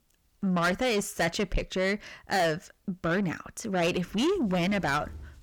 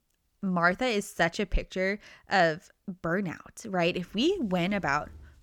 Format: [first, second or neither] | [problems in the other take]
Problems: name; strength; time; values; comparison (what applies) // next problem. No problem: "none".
second | distortion; heavy; 8 dB below the speech